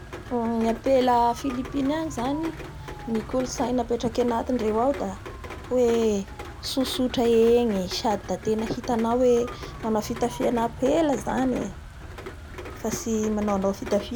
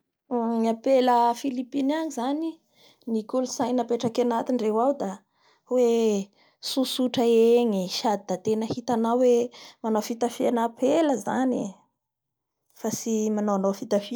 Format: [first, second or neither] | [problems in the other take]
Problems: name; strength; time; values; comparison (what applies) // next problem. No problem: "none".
second | background sound (Rain); 12 dB below the speech